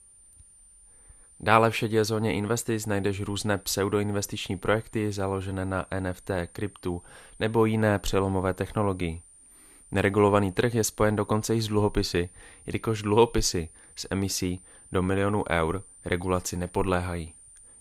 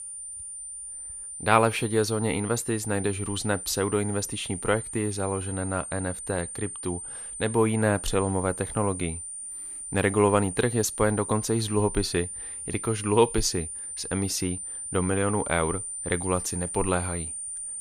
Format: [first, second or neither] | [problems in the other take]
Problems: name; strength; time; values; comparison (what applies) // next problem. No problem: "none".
first | high-pitched whine; loud; throughout; 9 kHz, 7 dB below the speech; faint in the first